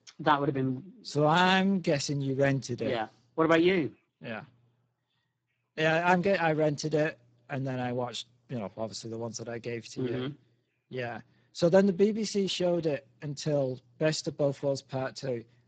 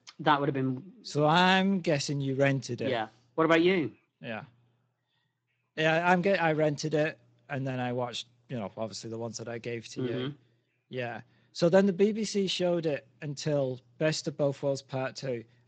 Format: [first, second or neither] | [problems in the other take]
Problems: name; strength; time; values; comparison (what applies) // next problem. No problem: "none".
second | garbled, watery; badly; nothing above 7.5 kHz; slightly in the second